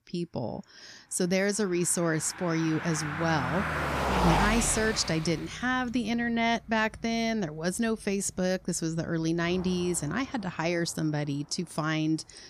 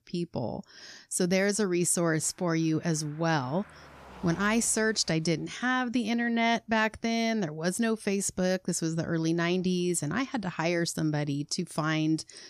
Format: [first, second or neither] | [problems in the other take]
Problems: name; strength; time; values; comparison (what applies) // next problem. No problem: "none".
second | traffic noise; loud; throughout; 3 dB below the speech; faint in the second